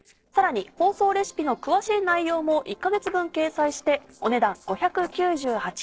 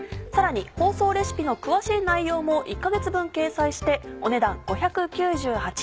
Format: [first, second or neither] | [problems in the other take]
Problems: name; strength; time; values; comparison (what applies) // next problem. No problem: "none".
second | noise reduction (neural separator model SepFormer DNS4)